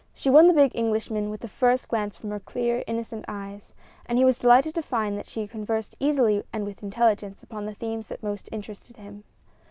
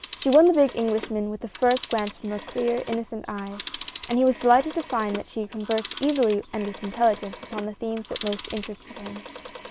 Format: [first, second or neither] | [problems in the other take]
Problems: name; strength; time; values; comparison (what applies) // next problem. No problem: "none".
first | background sound (Telephone); 15 dB below the speech